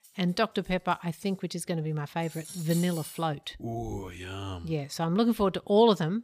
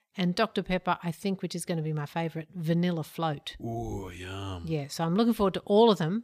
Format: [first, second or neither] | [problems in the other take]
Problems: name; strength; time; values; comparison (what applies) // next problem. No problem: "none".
second | clattering dishes; noticeable; until 3 s; peak 9 dB below the speech